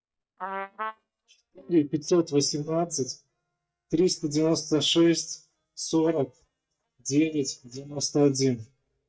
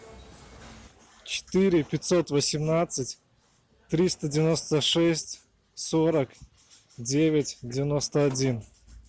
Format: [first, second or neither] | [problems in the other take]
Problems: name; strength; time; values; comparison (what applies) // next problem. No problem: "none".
second | noise reduction (neural mask model DeepFilterNet 3)